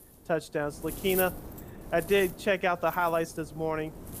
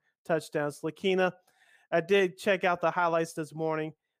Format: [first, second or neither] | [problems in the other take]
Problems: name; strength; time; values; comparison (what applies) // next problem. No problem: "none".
second | wind noise on the microphone; occasional gusts; 15 dB below the speech